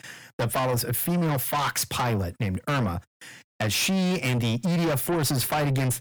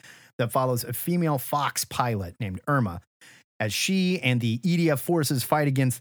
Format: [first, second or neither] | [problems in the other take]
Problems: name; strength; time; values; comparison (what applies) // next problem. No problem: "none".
second | distortion; heavy; 6 dB below the speech